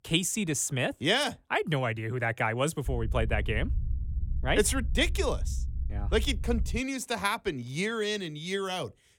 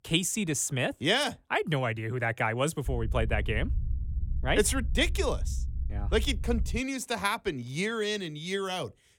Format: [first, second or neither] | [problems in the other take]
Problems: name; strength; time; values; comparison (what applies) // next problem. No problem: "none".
neither | low rumble; faint; from 3 to 7 s; 25 dB below the speech; the same in both